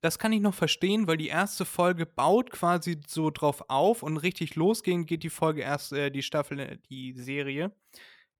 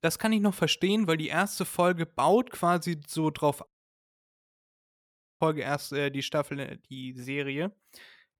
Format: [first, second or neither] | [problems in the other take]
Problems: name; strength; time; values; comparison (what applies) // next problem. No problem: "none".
first | audio cutting out; at 3.5 s for 1.5 s